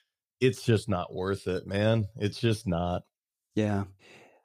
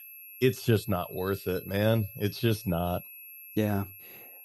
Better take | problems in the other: first | high-pitched whine; noticeable; throughout; 11.5 kHz, 15 dB below the speech

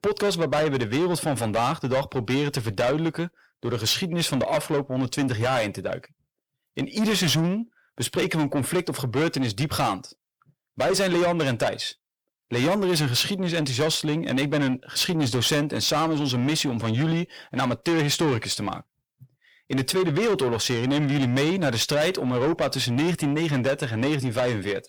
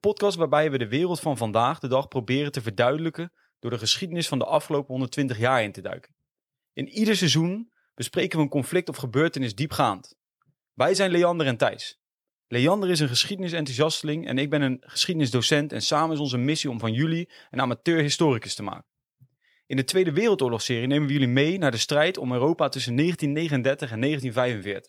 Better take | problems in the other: second | distortion; heavy; 7 dB below the speech

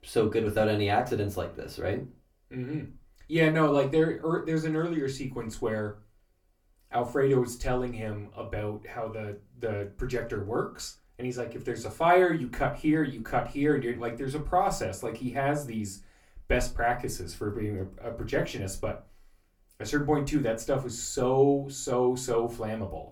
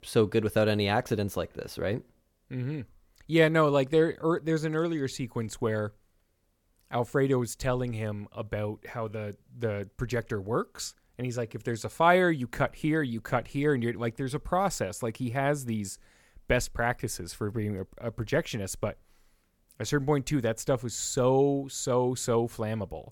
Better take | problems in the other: second | off-mic speech; far // room echo; very slight; dies away in 0.2 s

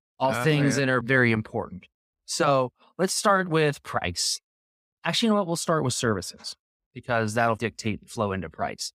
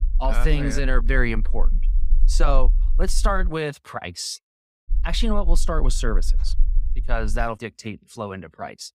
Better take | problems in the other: first | low rumble; faint; until 3.5 s and from 5 to 7.5 s; 25 dB below the speech

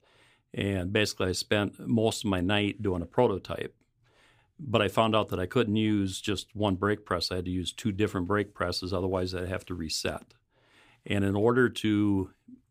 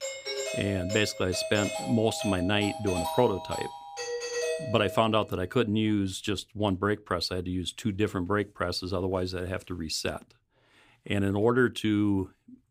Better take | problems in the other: first | doorbell; noticeable; until 5 s; peak 2 dB below the speech

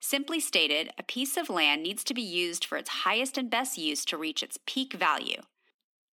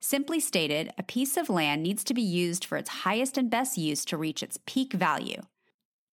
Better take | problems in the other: second | thin; very slightly; fading below 250 Hz

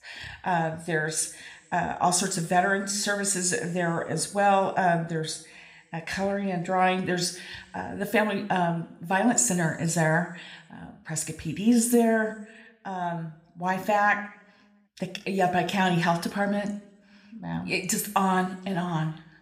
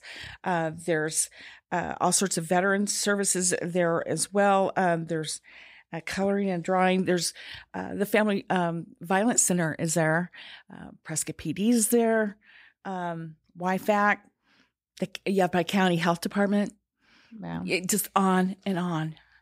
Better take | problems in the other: second | room echo; slight; dies away in 0.6 s

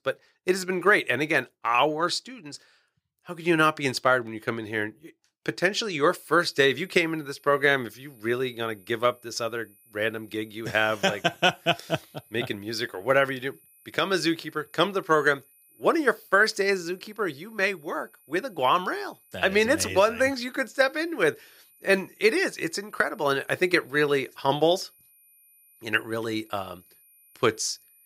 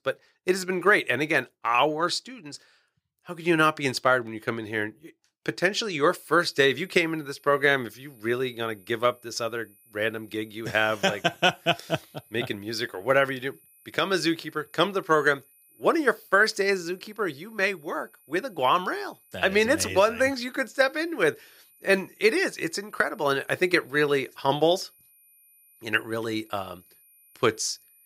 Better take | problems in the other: neither | high-pitched whine; faint; from 6 s on; 12 kHz, 30 dB below the speech; the same in both

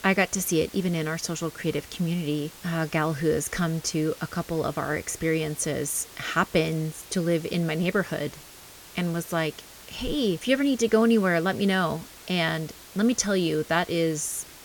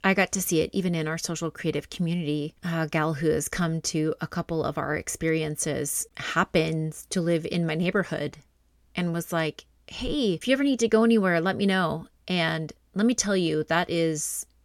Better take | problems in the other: second | hiss; noticeable; throughout; 20 dB below the speech

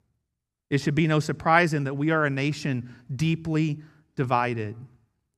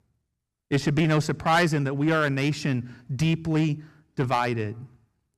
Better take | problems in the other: first | distortion; slight; 4% of the sound clipped

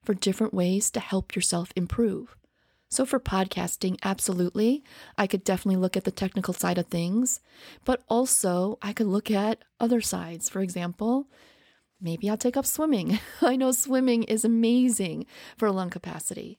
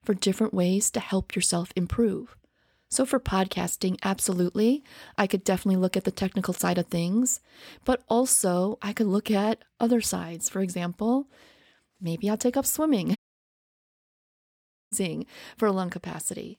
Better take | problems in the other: first | audio cutting out; at 13 s for 2 s

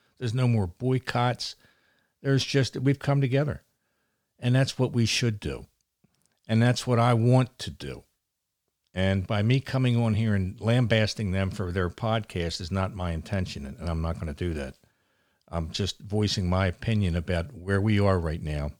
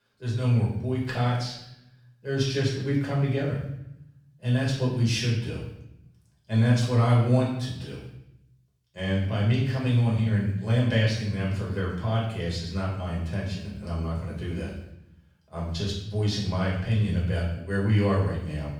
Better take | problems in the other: first | off-mic speech; far // room echo; noticeable; dies away in 0.7 s

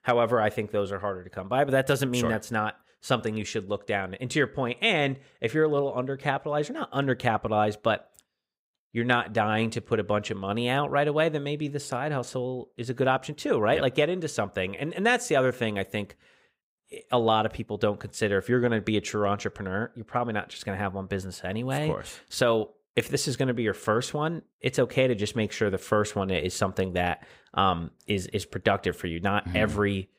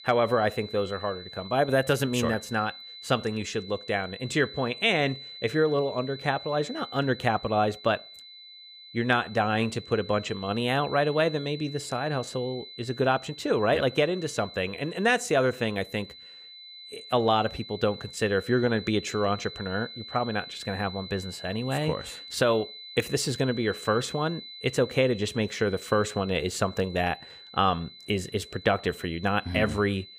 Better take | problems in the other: first | high-pitched whine; noticeable; throughout; 4 kHz, 15 dB below the speech

